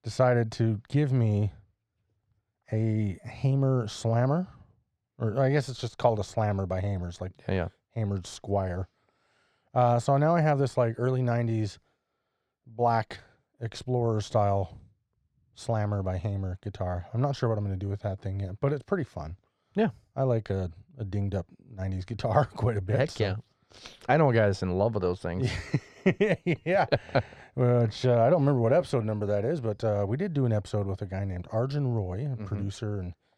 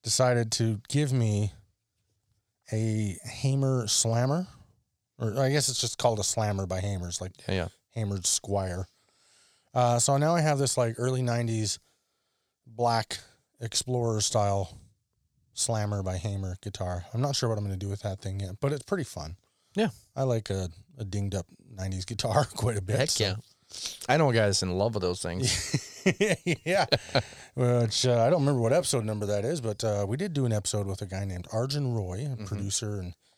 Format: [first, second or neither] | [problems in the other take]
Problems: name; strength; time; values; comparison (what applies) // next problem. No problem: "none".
second | muffled; very; fading above 4 kHz